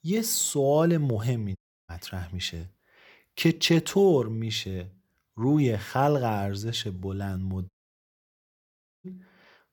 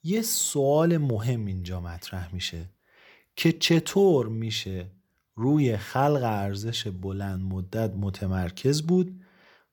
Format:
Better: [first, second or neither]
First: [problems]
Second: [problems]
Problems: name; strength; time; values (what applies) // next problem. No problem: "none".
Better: second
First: audio cutting out; at 1.5 s and at 7.5 s for 1.5 s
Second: none